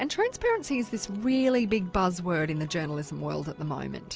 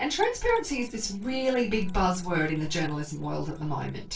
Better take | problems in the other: first | noise reduction (neural separator model SepFormer DNS4)

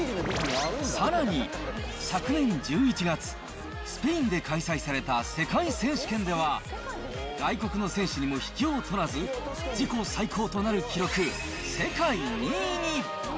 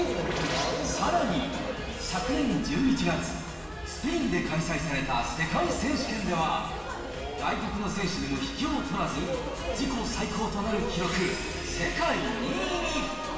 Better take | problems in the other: first | room echo; dies away in 1.2 s

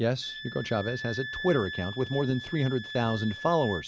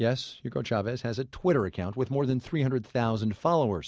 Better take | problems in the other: second | background sound (Wind instrument, woodwind instrument); 11 dB below the speech

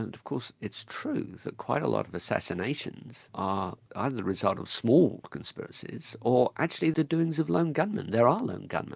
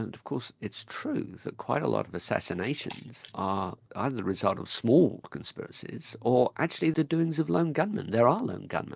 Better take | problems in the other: first | noise reduction (neural separator model SepFormer DNS4)

